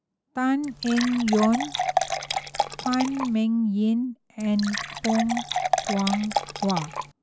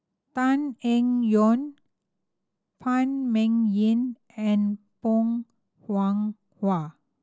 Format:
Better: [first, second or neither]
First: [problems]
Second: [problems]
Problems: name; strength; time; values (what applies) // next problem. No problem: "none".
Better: second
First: background sound (Fill (with liquid) / Water); 3 dB below the speech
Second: none